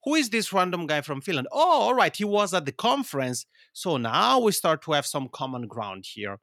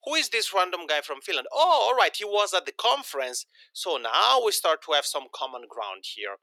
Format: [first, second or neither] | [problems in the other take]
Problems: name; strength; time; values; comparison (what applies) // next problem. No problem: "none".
first | thin; very; fading below 400 Hz